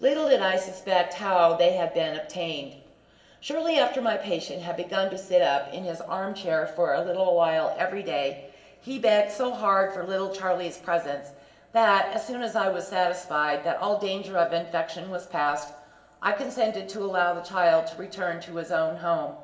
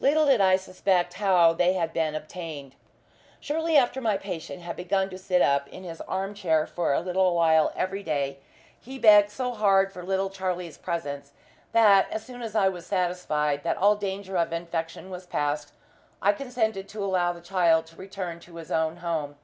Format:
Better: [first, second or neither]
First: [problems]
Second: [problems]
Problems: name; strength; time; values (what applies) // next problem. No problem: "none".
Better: second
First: room echo; dies away in 1.9 s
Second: none